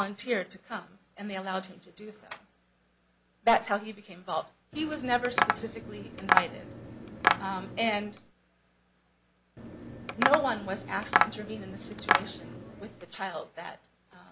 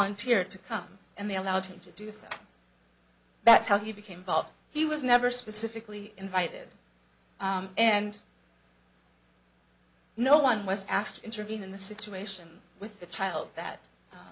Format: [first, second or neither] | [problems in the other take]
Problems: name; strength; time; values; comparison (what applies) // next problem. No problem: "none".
second | background sound (Tap); 3 dB above the speech